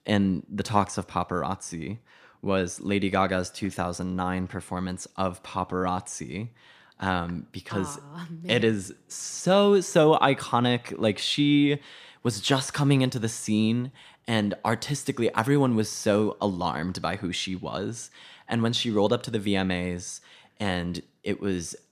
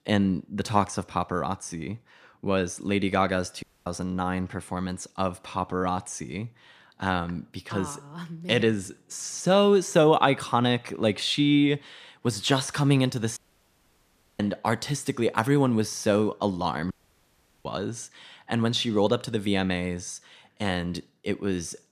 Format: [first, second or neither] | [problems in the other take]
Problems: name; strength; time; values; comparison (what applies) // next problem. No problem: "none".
first | audio cutting out; at 3.5 s, at 13 s for 1 s and at 17 s for 0.5 s